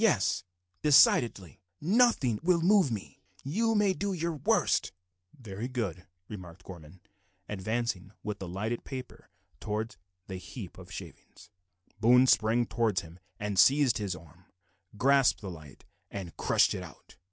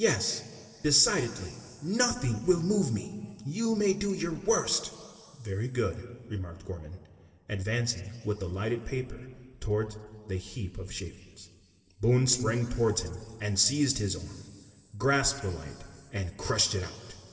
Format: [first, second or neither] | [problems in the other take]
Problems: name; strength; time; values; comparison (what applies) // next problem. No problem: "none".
first | room echo; dies away in 2.4 s